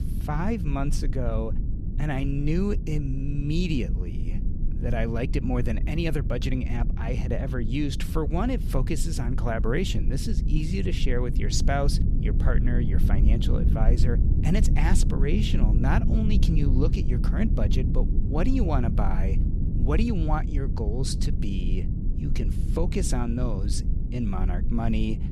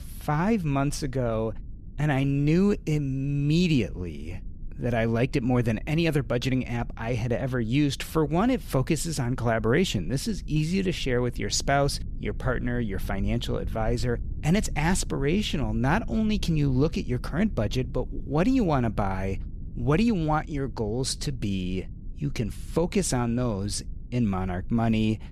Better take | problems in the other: second | low rumble; loud; throughout; 8 dB below the speech; faint in the second

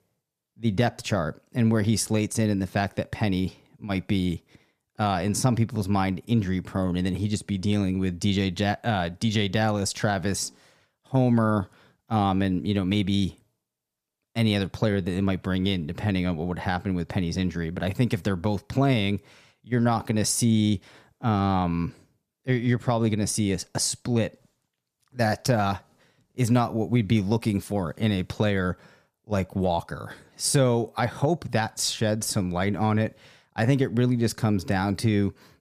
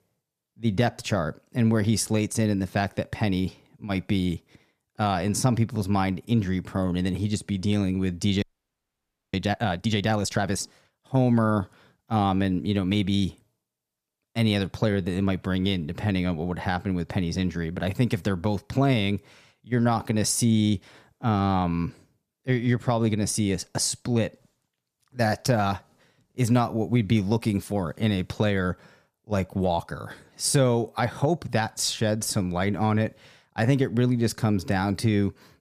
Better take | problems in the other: first | audio freezing; at 8.5 s for 1 s

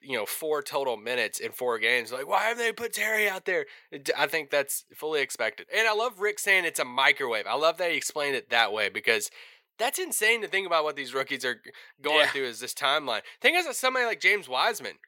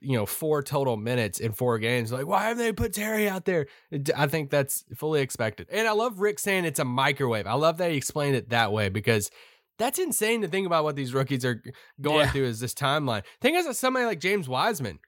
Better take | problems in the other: second | thin; very; fading below 500 Hz

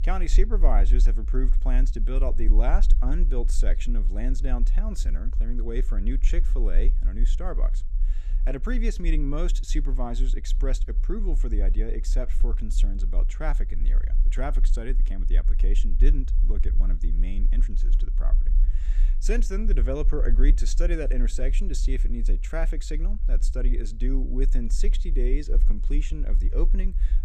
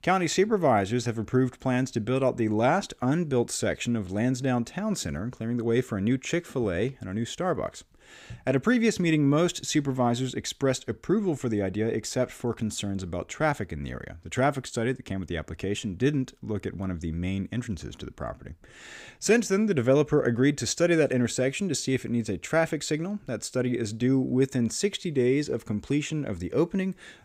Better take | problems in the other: second | low rumble; noticeable; throughout; 15 dB below the speech

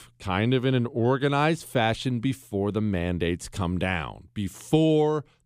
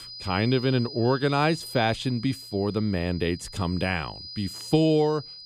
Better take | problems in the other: first | high-pitched whine; noticeable; throughout; 5 kHz, 15 dB below the speech

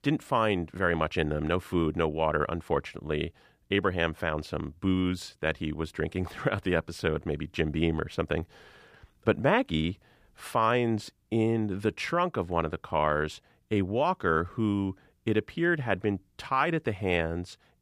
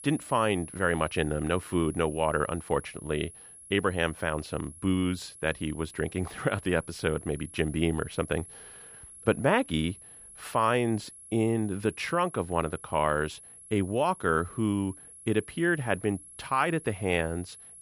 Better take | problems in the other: first | high-pitched whine; noticeable; throughout; 11 kHz, 15 dB below the speech

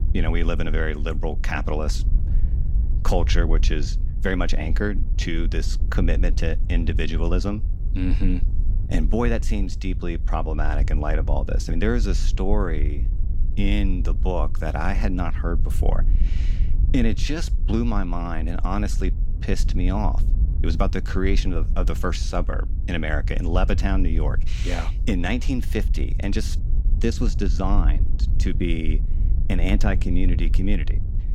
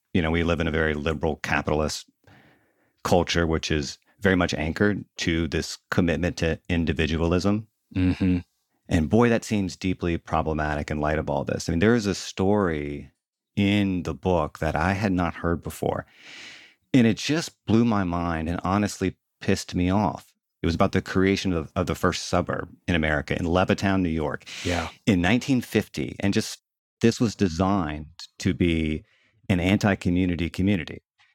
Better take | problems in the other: second | wind noise on the microphone; occasional gusts; 15 dB below the speech

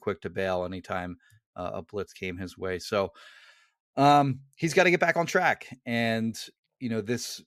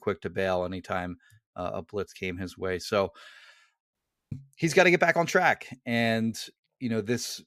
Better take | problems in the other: first | audio cutting out; at 4 s

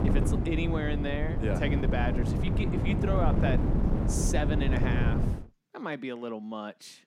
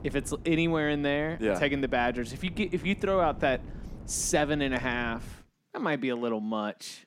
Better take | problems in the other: second | wind noise on the microphone; heavy; until 5.5 s; 2 dB below the speech; occasional gusts in the second

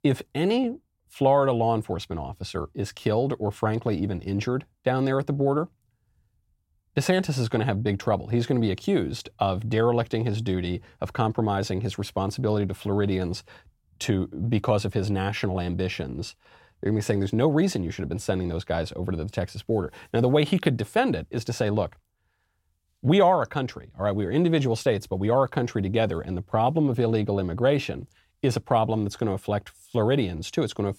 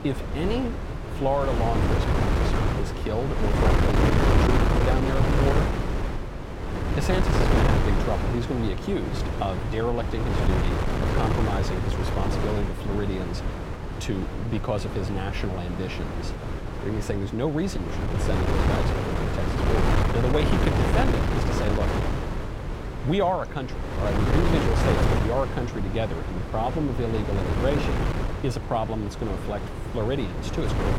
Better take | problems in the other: first | wind noise on the microphone; heavy; 1 dB above the speech

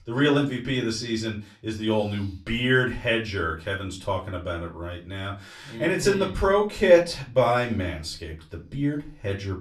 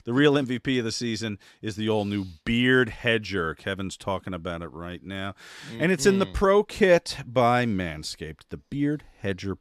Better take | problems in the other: second | off-mic speech; far // room echo; very slight; dies away in 0.3 s

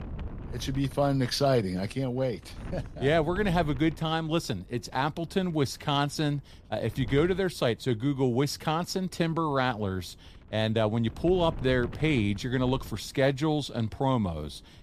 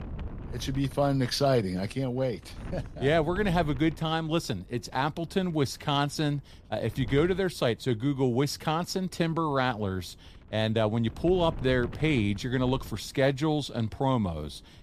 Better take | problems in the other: neither | wind noise on the microphone; occasional gusts; 20 dB below the speech; the same in both

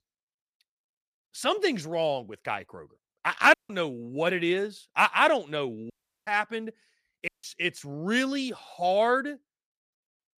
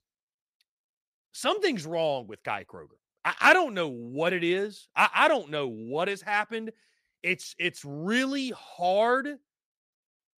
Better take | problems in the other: second | audio cutting out; at 3.5 s, at 6 s and at 7.5 s

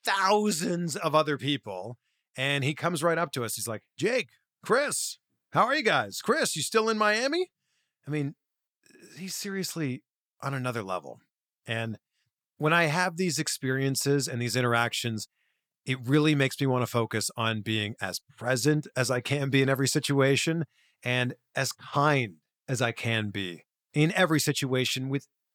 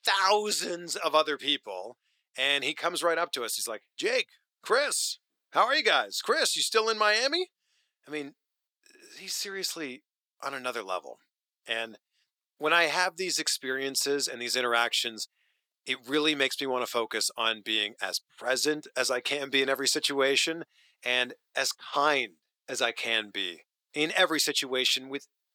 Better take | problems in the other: first | thin; somewhat; fading below 350 Hz

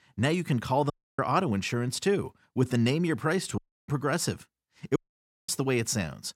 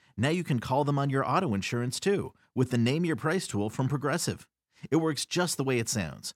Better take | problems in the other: second | audio cutting out; at 1 s, at 3.5 s and at 5 s for 0.5 s

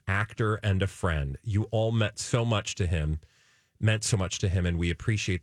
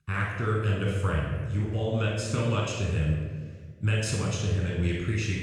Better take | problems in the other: first | off-mic speech; far // room echo; noticeable; dies away in 1.4 s

